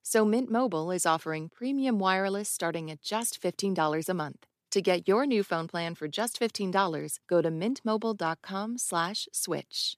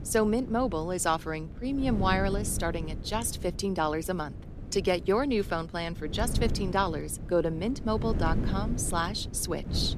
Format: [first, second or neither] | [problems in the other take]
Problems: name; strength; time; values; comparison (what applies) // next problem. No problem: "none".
first | wind noise on the microphone; occasional gusts; 15 dB below the speech